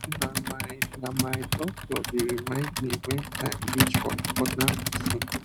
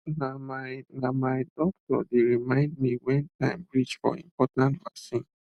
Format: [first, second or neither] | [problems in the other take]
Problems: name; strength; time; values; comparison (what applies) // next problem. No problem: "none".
second | background sound (Computer keyboard); 3 dB above the speech